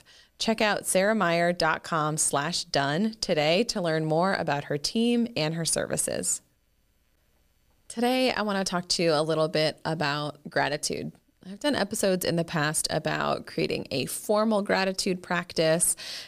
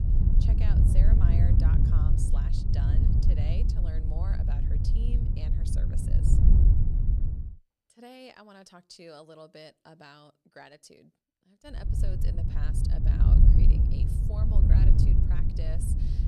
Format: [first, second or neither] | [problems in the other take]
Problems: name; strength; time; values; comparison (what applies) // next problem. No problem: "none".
first | wind noise on the microphone; heavy; until 7.5 s and from 12 s on; 5 dB above the speech